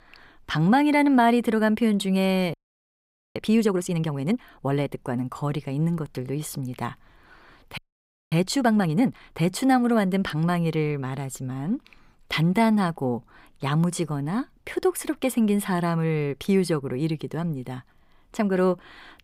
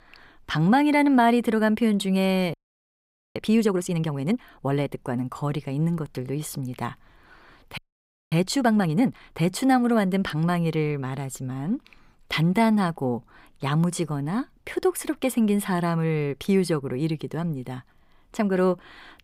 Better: neither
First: audio freezing; at 2.5 s for 1 s and at 8 s for 0.5 s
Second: audio freezing; at 2.5 s for 1 s and at 8 s for 0.5 s

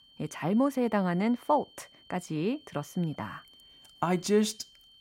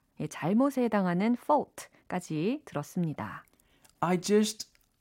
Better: second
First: high-pitched whine; faint; throughout; 3 kHz, 25 dB below the speech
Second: none

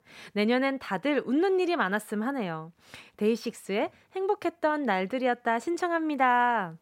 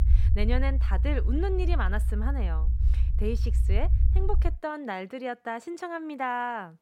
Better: first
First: none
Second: low rumble; noticeable; until 4.5 s; 15 dB below the speech

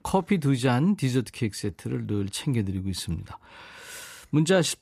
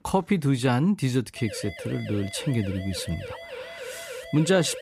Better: first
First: none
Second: siren; faint; from 1.5 s on; peak 10 dB below the speech

